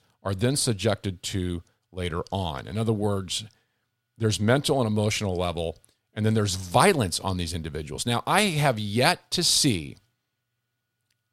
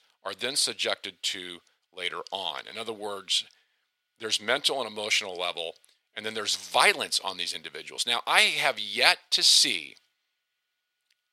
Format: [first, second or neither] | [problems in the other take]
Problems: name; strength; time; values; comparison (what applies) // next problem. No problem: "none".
first | thin; very; fading below 500 Hz